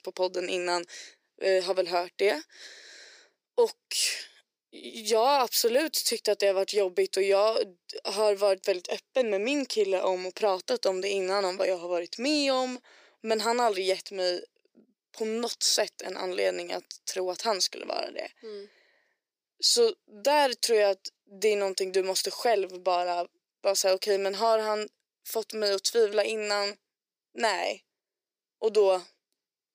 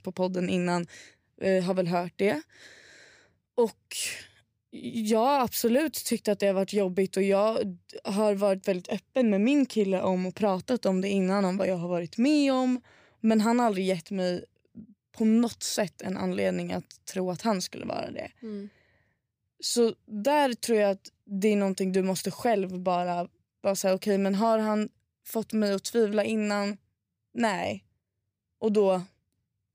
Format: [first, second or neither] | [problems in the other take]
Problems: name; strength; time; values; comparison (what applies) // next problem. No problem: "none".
second | thin; somewhat; fading below 350 Hz